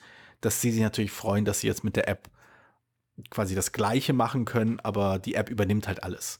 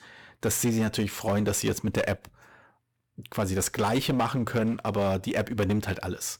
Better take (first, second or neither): first